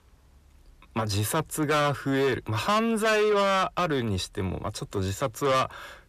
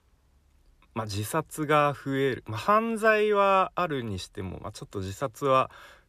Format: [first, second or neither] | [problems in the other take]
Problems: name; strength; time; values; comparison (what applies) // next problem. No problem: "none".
second | distortion; heavy; 6 dB below the speech